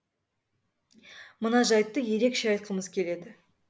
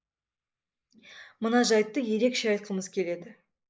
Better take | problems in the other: first | noise reduction (neural mask model Resemble Enhance denoiser)

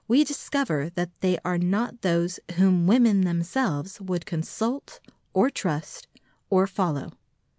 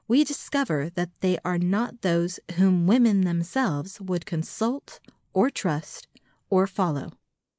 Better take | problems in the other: first | noise reduction (neural mask model Resemble Enhance denoiser)

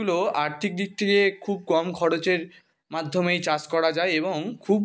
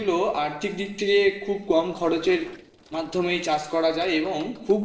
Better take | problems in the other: first | noise reduction (neural separator model SepFormer DNS4)

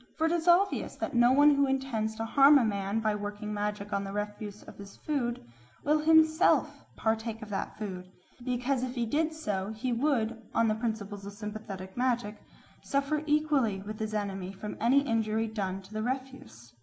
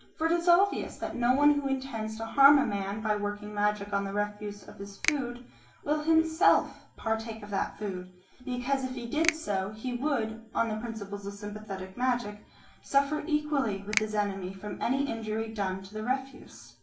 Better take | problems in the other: first | background sound (Finger snapping); 11 dB below the speech // room echo; dies away in 0.3 s

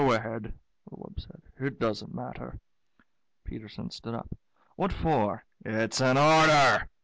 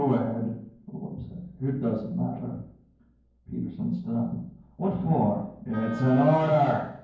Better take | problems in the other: first | background sound (Wind instrument, woodwind instrument); 16 dB below the speech // room echo; dies away in 0.9 s

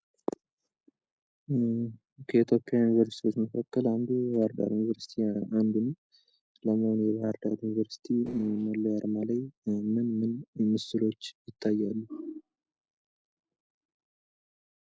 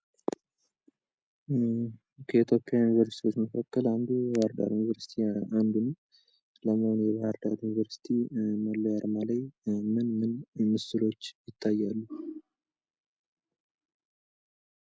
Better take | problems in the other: second | noise reduction (neural separator model SepFormer DNS4)

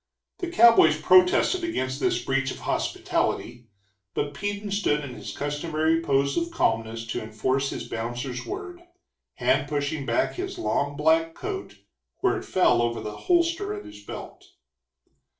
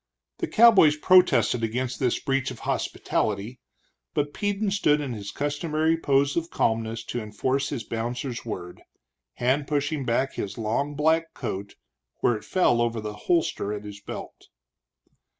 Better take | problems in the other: second | noise reduction (neural separator model SepFormer DNS4)

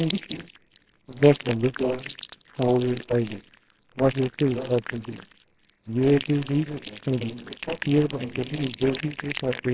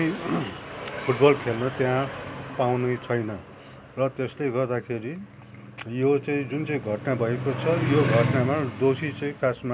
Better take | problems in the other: second | noise reduction (neural separator model SepFormer WHAMR!)

